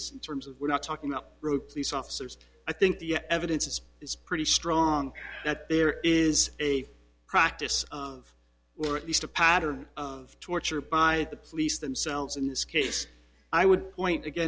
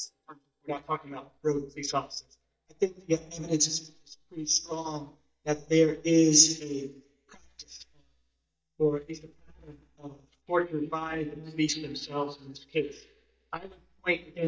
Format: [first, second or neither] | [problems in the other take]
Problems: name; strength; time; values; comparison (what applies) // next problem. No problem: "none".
first | noise reduction (neural mask model DeepFilterNet 3)